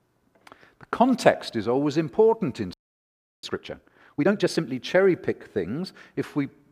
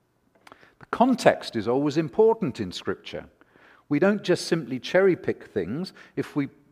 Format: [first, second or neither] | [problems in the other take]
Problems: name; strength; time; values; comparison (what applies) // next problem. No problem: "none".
second | audio freezing; at 2.5 s for 0.5 s